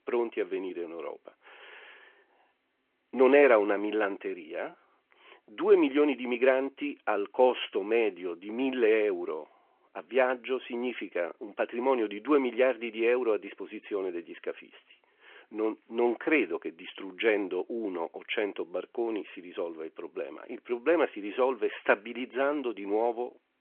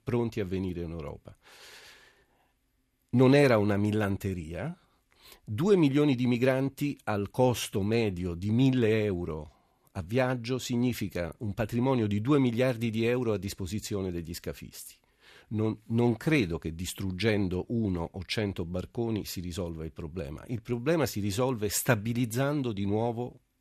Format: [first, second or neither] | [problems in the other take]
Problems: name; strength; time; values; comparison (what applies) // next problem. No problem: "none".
second | phone-call audio